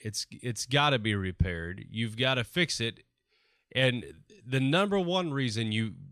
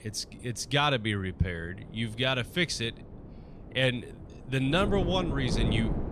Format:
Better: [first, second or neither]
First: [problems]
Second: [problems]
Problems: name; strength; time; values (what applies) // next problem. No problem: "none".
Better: first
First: none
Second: wind noise on the microphone; occasional gusts; 10 dB below the speech